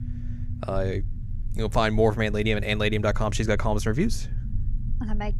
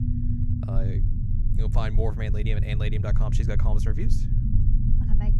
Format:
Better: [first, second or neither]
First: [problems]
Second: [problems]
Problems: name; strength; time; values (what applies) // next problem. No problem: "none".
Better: first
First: low rumble; faint; throughout; 20 dB below the speech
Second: low rumble; loud; throughout; 4 dB below the speech